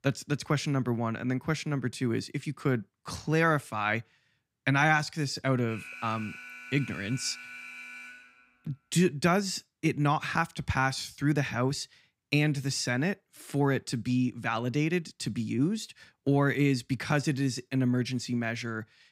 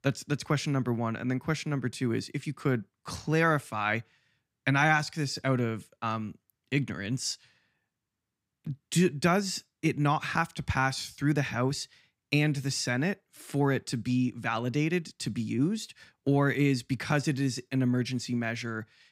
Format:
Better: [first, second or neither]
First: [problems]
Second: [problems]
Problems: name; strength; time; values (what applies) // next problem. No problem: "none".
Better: second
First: alarm; faint; from 5.5 to 8.5 s; peak 10 dB below the speech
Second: none